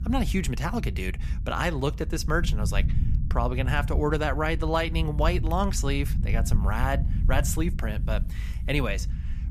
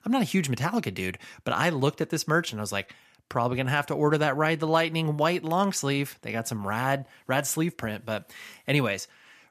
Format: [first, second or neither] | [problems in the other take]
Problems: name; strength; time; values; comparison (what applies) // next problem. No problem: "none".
second | low rumble; noticeable; throughout; 15 dB below the speech